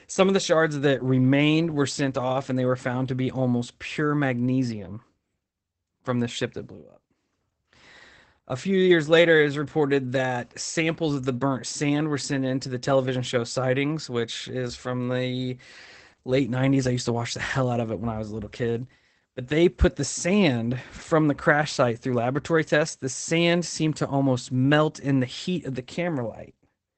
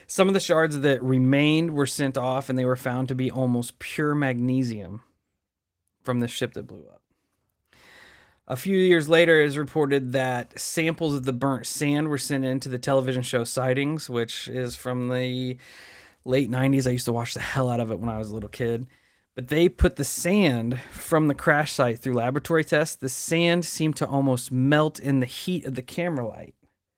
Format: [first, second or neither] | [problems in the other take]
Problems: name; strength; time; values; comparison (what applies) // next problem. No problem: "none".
second | garbled, watery; badly; nothing above 8 kHz; slightly in the second